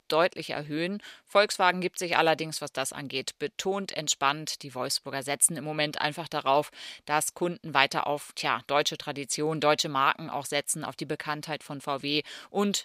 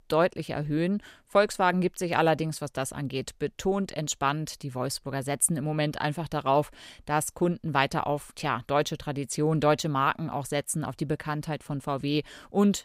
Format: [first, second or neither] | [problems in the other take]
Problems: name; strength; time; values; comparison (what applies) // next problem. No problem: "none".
second | thin; very slightly; fading below 900 Hz